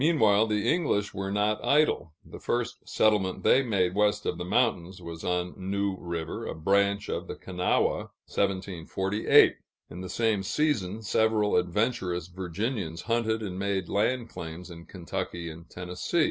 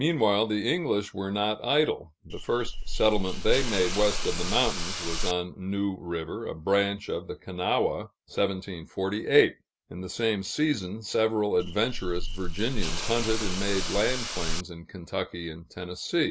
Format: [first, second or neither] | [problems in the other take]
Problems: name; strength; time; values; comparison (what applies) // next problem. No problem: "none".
first | background sound (Hiss / Insect); as loud as the speech